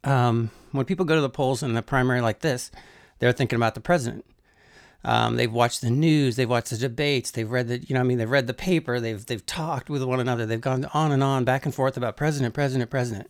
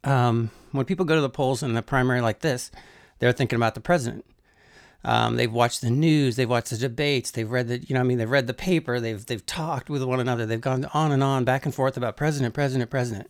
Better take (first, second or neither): neither